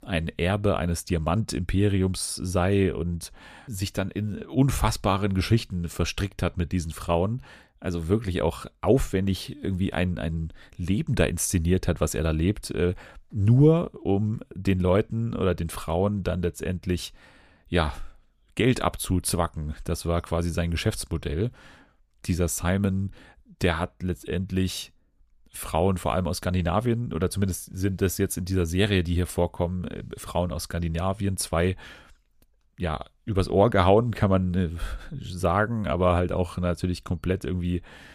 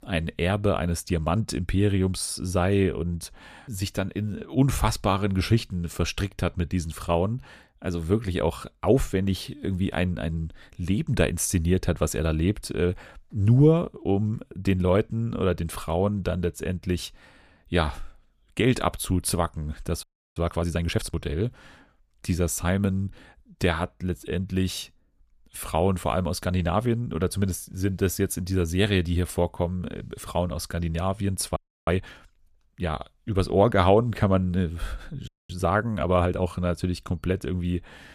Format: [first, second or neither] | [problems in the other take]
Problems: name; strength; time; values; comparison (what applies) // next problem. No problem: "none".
first | audio freezing; at 20 s, at 32 s and at 35 s